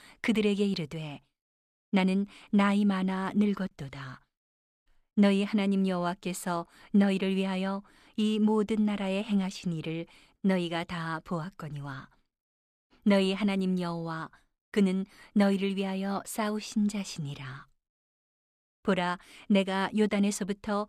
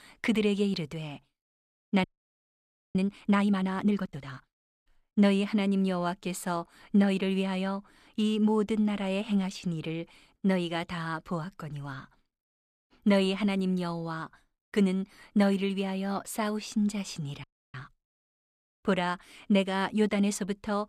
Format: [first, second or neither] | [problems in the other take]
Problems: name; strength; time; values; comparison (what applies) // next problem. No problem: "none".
first | audio freezing; at 2 s for 1 s and at 17 s